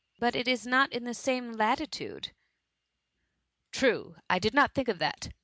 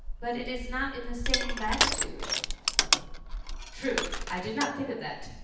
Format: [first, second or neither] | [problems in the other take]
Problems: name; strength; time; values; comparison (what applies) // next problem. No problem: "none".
first | background sound (Crushing); 4 dB above the speech // room echo; dies away in 0.9 s